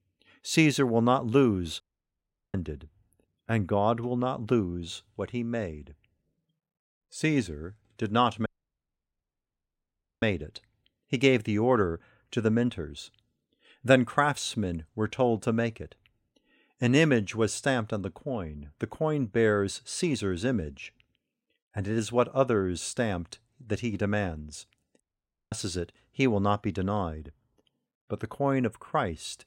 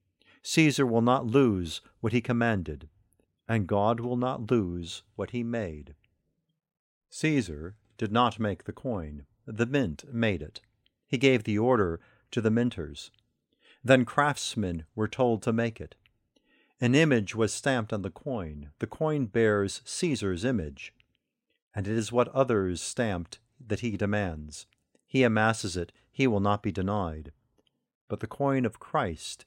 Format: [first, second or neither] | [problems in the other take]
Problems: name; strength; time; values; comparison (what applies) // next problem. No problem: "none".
second | audio cutting out; at 2 s for 0.5 s, at 8.5 s for 2 s and at 25 s for 0.5 s